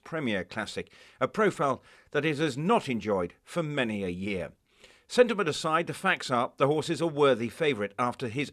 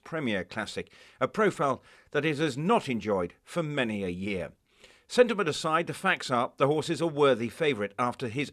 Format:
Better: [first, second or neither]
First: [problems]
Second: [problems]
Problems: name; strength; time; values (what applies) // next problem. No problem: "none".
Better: neither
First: none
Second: none